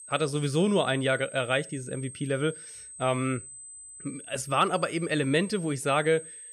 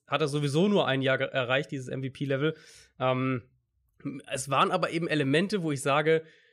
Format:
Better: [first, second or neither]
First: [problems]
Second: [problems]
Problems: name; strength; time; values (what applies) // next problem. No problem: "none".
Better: second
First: high-pitched whine; noticeable; throughout; 8.5 kHz, 15 dB below the speech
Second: none